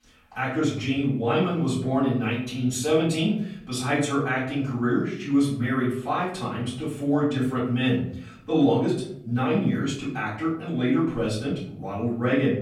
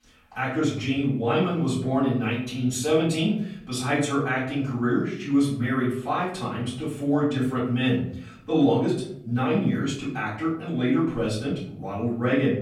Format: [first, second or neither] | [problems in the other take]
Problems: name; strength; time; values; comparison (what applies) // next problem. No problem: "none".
neither | off-mic speech; far; the same in both // room echo; noticeable; dies away in 0.6 s; the same in both